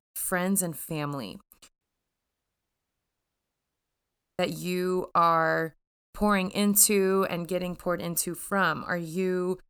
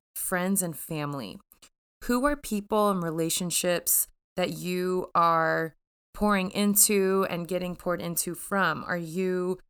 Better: second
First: audio cutting out; at 2 s for 2.5 s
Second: none

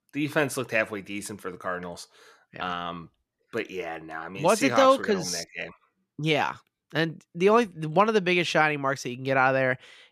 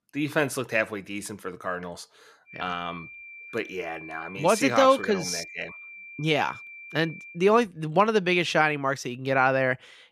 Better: first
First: none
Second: high-pitched whine; noticeable; from 2.5 to 7.5 s; 2.5 kHz, 15 dB below the speech

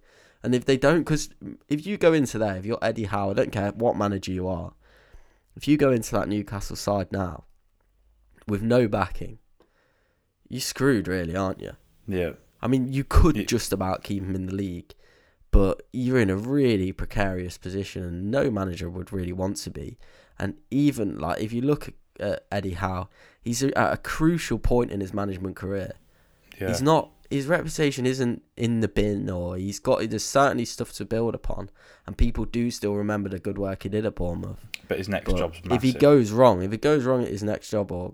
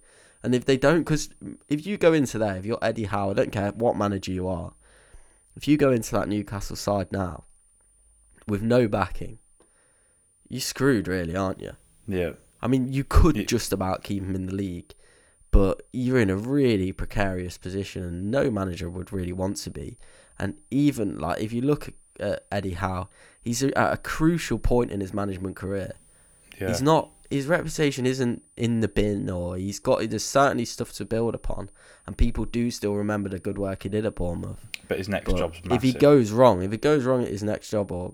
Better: first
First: none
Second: high-pitched whine; faint; throughout; 9.5 kHz, 30 dB below the speech

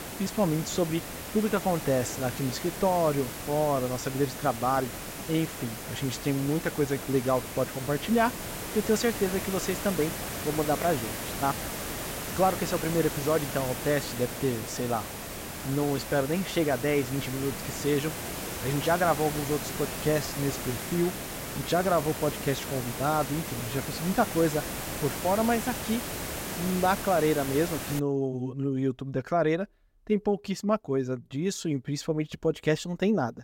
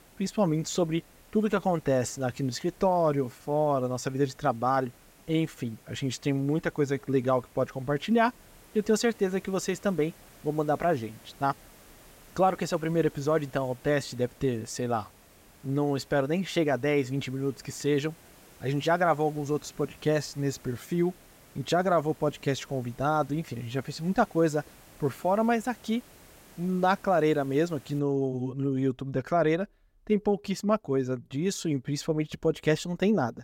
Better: second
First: hiss; loud; until 28 s; 6 dB below the speech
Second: hiss; faint; until 28 s; 25 dB below the speech

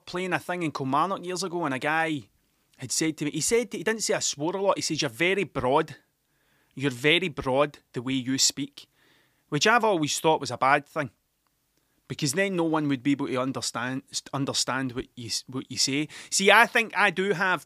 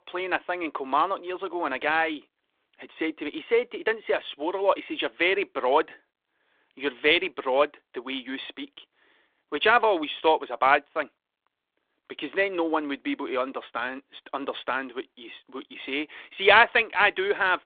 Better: first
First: none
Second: phone-call audio

